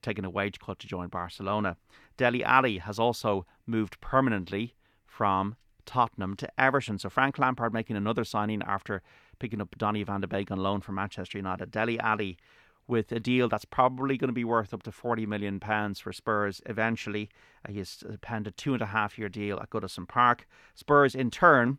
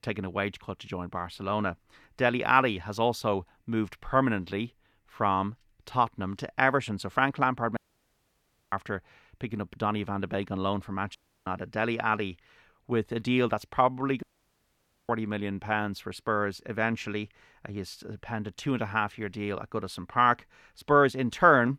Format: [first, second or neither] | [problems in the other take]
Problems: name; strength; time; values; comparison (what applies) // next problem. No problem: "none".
first | audio cutting out; at 8 s for 1 s, at 11 s and at 14 s for 1 s